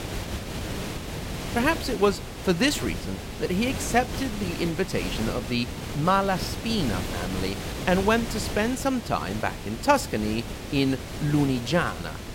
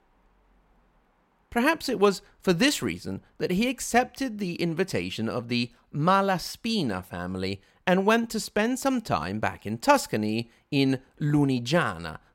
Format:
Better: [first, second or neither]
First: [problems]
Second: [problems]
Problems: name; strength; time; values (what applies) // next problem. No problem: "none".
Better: second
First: hiss; loud; throughout; 7 dB below the speech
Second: none